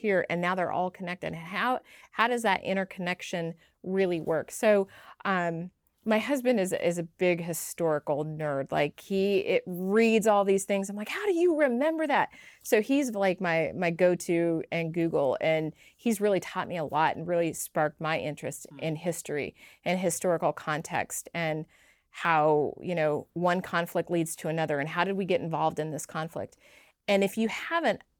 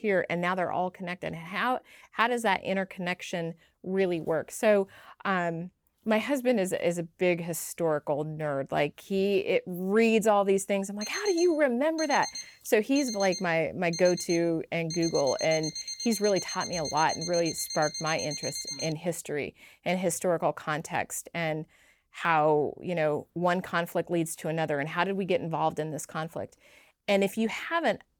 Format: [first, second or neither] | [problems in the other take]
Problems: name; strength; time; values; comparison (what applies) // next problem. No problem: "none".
first | alarm; noticeable; from 11 to 19 s; peak 5 dB below the speech